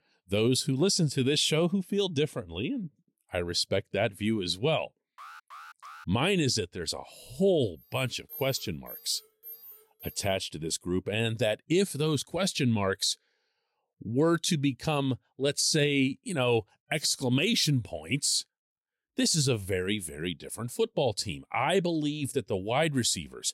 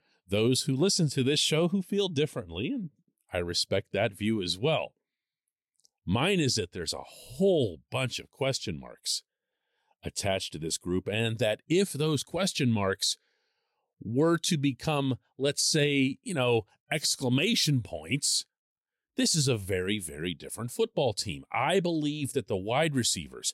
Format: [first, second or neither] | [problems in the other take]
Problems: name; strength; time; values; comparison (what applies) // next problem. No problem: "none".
second | alarm; faint; at 5 s and from 8 to 10 s; peak 15 dB below the speech